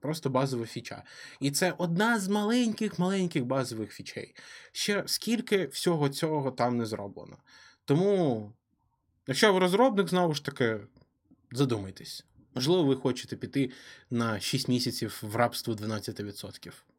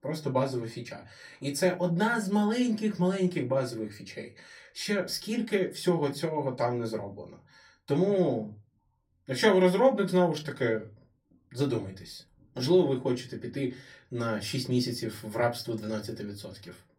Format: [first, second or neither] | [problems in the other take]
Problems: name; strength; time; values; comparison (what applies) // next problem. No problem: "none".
first | off-mic speech; far // room echo; very slight; dies away in 0.2 s